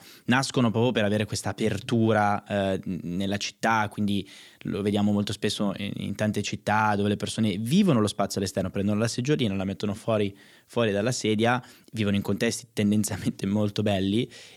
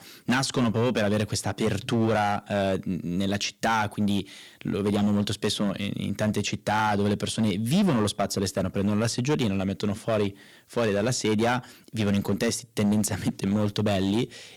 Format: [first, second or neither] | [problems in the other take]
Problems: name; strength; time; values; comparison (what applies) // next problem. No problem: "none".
first | distortion; slight; 9% of the sound clipped